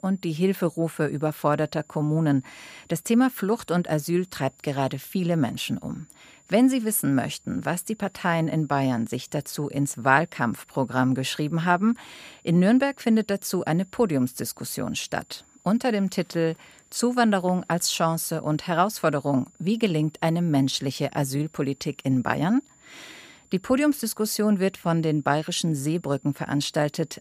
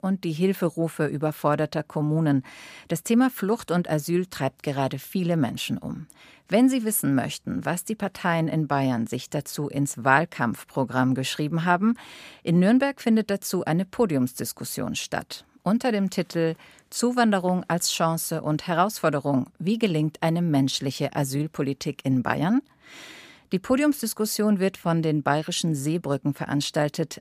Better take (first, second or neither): second